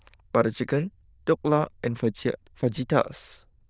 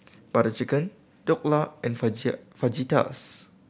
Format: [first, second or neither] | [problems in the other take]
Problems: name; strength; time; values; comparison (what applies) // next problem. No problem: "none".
second | noise reduction (neural diffusion model UNIVERSE++)